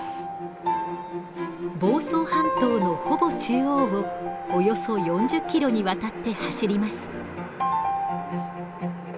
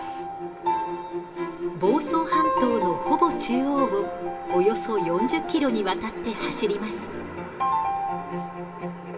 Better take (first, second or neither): first